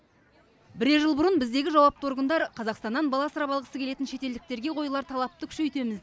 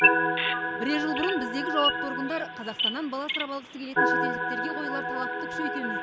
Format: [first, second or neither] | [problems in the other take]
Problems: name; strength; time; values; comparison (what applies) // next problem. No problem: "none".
first | background sound (Bird vocalization, bird call, bird song + Organ); 5 dB above the speech